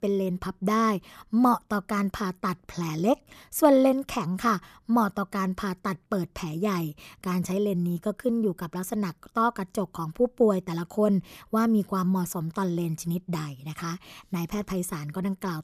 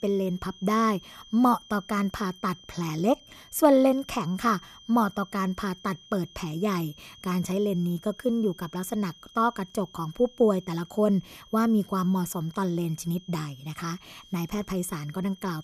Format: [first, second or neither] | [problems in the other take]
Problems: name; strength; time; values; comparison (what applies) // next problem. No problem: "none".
first | high-pitched whine; faint; throughout; 3 kHz, 20 dB below the speech